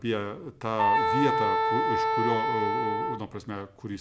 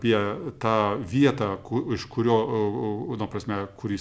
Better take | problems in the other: second | background sound (Wind instrument, woodwind instrument); 5 dB above the speech

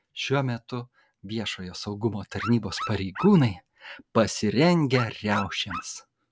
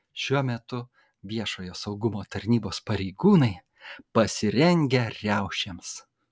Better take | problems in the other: second | background sound (Dog); 11 dB below the speech

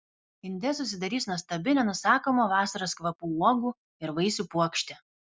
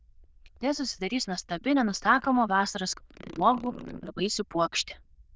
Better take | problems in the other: first | noise reduction (neural diffusion model UNIVERSE++)

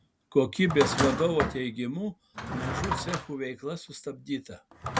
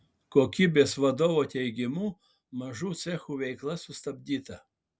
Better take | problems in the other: second | background sound (Drawer open or close); 4 dB below the speech

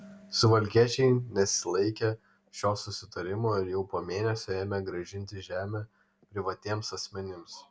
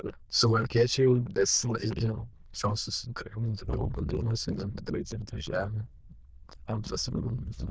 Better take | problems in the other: first | noise reduction (neural diffusion model UNIVERSE++)

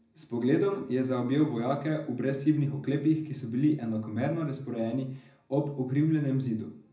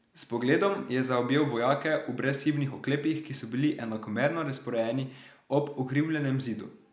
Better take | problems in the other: second | room echo; dies away in 0.4 s

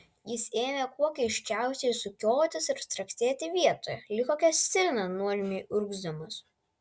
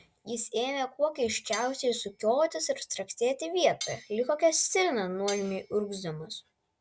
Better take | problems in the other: first | background sound (Cutlery, silverware); 16 dB below the speech

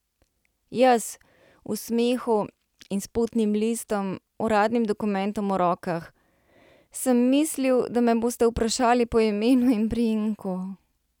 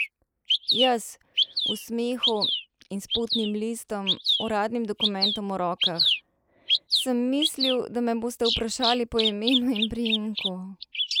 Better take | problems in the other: first | noise reduction (neural mask model Resemble Enhance denoiser)

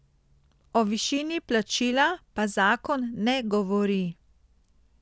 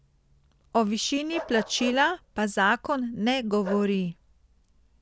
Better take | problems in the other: first | background sound (Bark); 14 dB below the speech

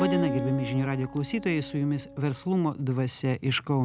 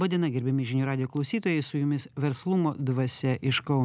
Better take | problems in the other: second | background sound (Acoustic guitar); 9 dB below the speech

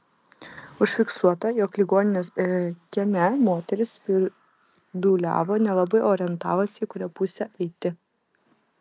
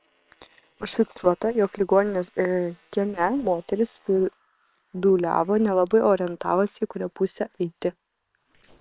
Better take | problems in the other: first | noise reduction (neural separator model SepFormer WHAM!)

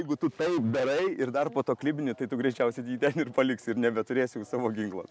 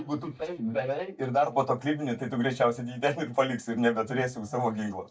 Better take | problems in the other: first | noise reduction (neural mask model DeepFilterNet 3)

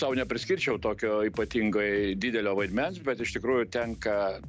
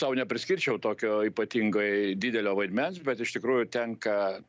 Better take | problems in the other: second | background sound (Bass guitar); 17 dB below the speech

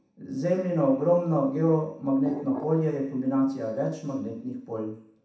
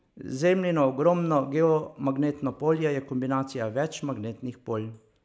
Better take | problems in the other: second | background sound (Glass); 14 dB below the speech // room echo; dies away in 0.7 s

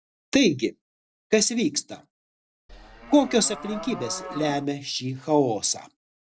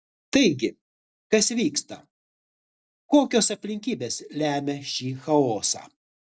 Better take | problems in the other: second | background sound (Livestock, farm animals, working animals); 13 dB below the speech

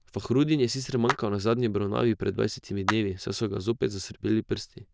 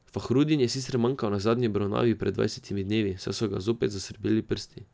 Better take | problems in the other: second | noise reduction (neural diffusion model UNIVERSE++)

